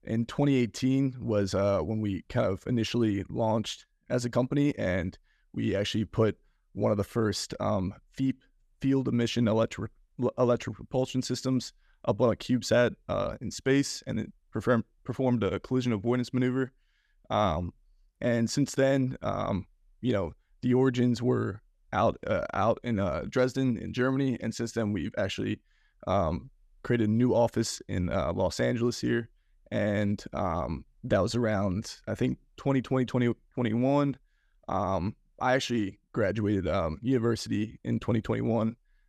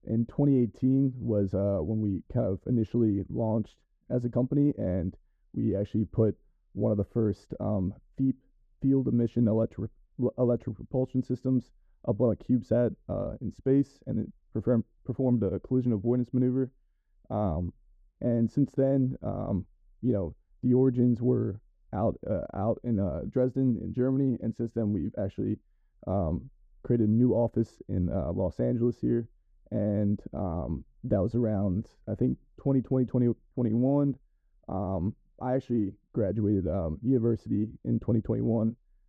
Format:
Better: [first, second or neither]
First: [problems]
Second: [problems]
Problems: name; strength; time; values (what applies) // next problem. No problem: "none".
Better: first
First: none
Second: muffled; very; fading above 1 kHz